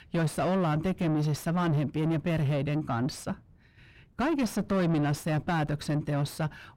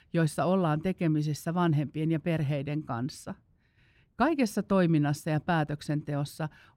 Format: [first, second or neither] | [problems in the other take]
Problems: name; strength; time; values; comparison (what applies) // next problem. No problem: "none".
second | distortion; heavy; 7 dB below the speech